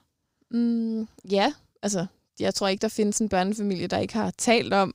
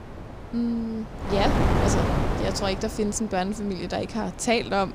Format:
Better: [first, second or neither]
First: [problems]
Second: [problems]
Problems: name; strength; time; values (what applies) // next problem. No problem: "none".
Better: first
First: none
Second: wind noise on the microphone; heavy; 1 dB below the speech